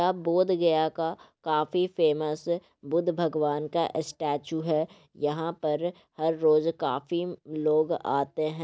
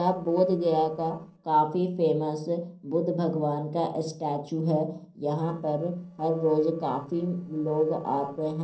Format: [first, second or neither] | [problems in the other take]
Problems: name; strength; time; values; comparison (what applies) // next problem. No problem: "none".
first | noise reduction (neural separator model SepFormer DNS4)